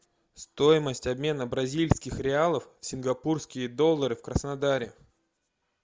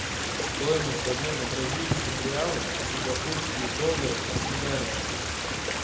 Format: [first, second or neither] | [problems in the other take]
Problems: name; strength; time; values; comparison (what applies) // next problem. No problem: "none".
first | background sound (Stream); 2 dB above the speech // room echo; dies away in 2 s